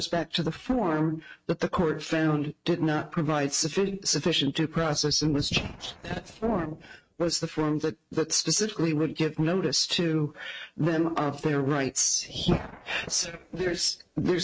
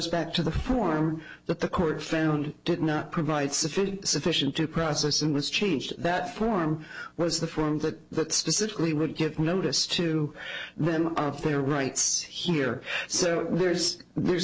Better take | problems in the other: second | noise reduction (neural mask model RNNoise)

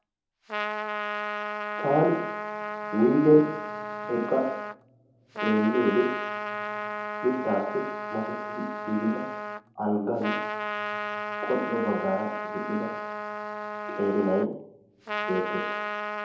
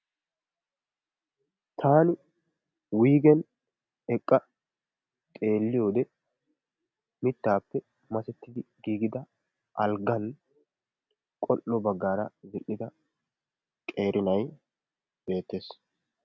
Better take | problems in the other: second | background sound (Trumpet); 5 dB below the speech // room echo; dies away in 2.6 s

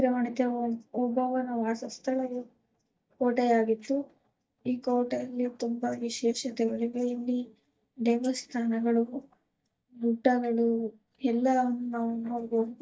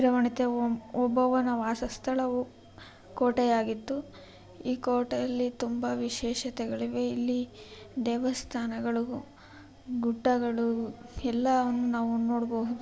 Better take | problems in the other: second | noise reduction (neural mask model DeepFilterNet 3)

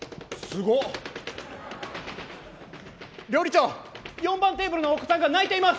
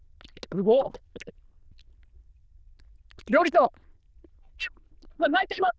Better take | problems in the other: first | noise reduction (neural diffusion model UNIVERSE++)

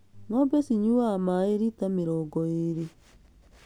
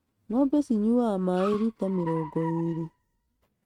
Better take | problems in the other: first | noise reduction (neural mask model RNNoise)

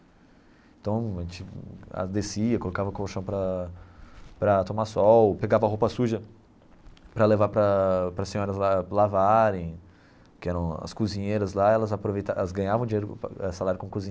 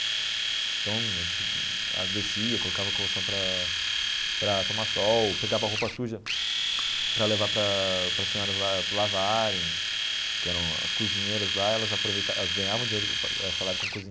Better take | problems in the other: first | background sound (Domestic sounds, home sounds); 3 dB above the speech

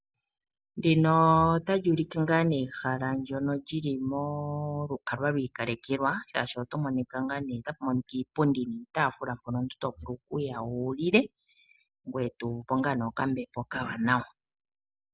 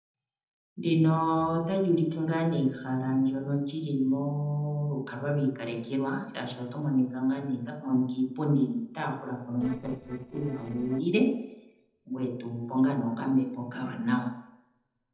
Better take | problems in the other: first | noise reduction (neural separator model SepFormer DNS4)

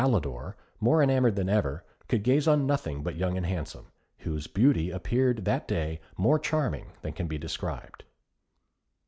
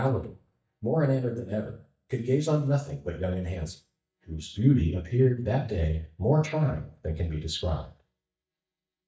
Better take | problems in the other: first | noise reduction (neural mask model DeepFilterNet 3)

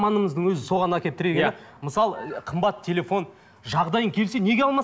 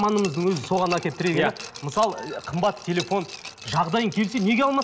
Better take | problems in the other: first | background sound (Glass); 15 dB below the speech

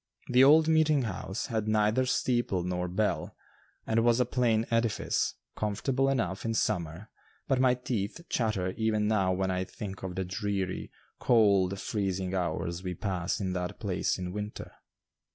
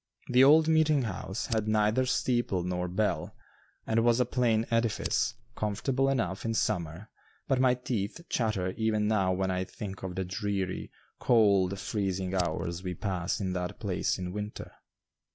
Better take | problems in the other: first | background sound (Fire); 17 dB below the speech

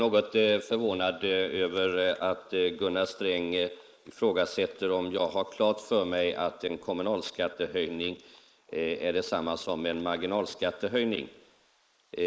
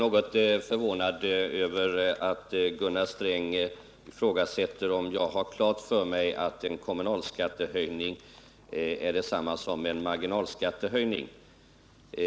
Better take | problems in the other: second | noise reduction (neural mask model Resemble Enhance denoiser)

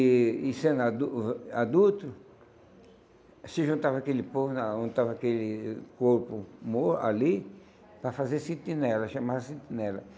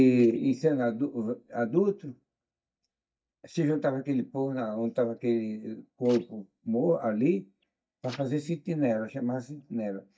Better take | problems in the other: first | noise reduction (neural mask model DeepFilterNet 3)

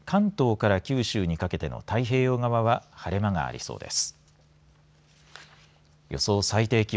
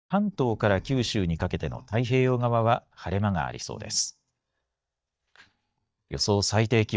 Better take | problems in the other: first | noise reduction (neural mask model DeepFilterNet 3)

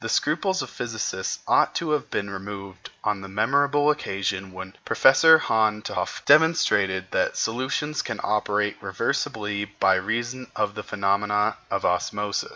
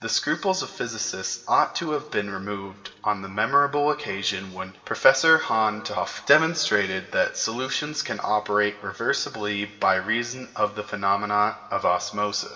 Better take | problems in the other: first | room echo; dies away in 1.3 s

